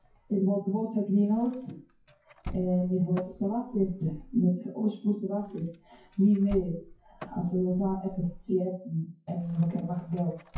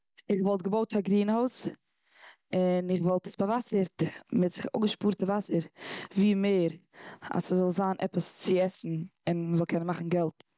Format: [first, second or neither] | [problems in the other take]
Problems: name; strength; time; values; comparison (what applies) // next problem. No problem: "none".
second | noise reduction (classical method WPE with log-MMSE)